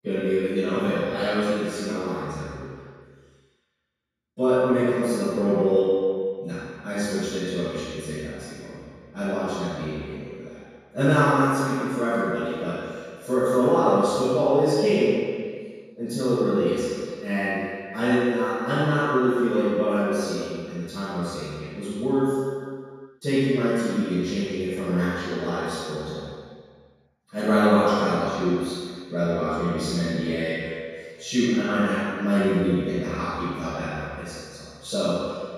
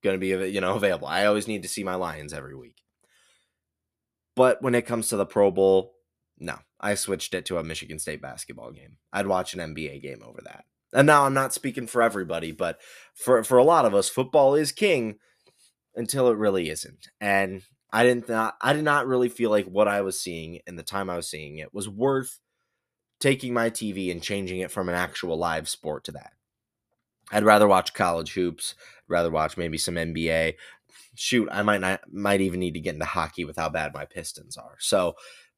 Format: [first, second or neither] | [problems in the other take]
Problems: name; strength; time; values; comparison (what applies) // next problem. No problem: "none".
second | room echo; strong; dies away in 1.8 s // off-mic speech; far